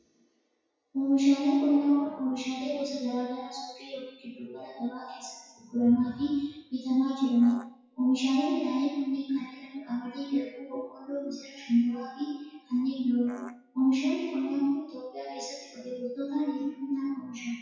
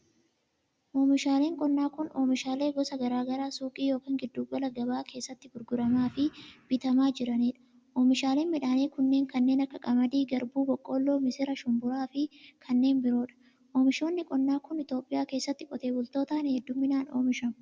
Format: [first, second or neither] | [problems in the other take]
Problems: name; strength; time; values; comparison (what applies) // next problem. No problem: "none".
second | noise reduction (classical method WPE with log-MMSE)